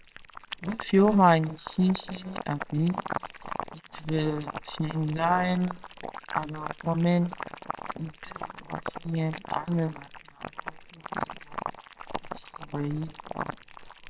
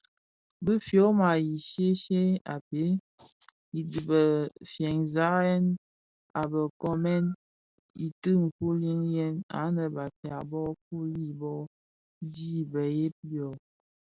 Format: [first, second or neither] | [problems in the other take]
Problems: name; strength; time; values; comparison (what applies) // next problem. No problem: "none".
second | noise reduction (neural separator model SepFormer WHAMR!)